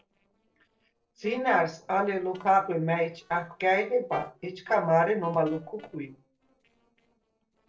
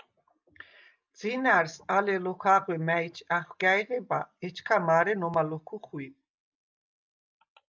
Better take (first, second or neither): second